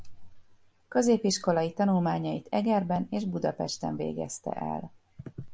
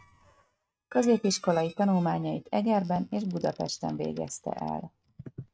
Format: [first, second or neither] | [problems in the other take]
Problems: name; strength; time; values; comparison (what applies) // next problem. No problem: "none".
first | noise reduction (neural mask model RNNoise)